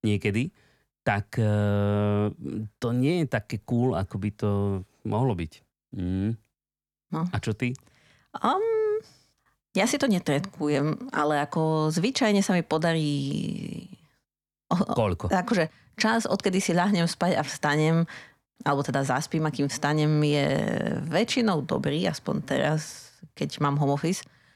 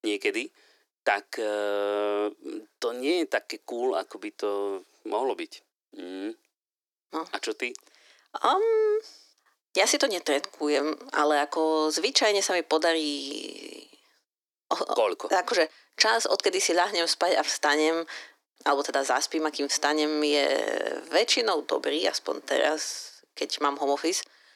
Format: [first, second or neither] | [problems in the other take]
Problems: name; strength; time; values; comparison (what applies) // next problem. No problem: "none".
first | thin; very; fading below 300 Hz